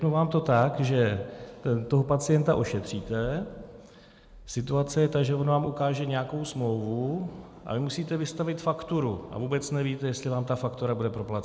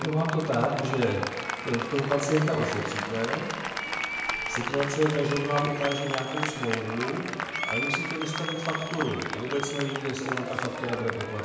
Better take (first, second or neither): first